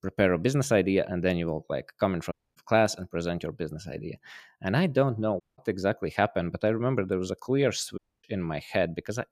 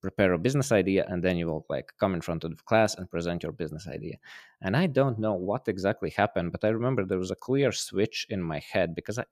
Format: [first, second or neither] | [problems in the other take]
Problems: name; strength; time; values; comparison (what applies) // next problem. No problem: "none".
second | audio cutting out; at 2.5 s, at 5.5 s and at 8 s